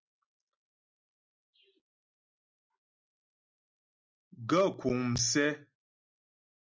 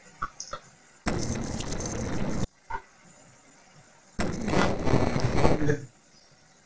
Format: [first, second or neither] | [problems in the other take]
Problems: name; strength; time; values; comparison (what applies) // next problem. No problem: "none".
first | noise reduction (neural separator model SepFormer DNS4)